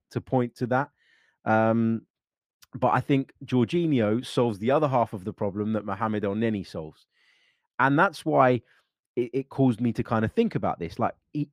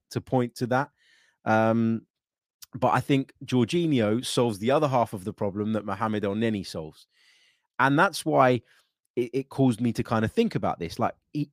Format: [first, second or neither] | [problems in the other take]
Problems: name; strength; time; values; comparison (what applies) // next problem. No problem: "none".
second | muffled; slightly; fading above 3.5 kHz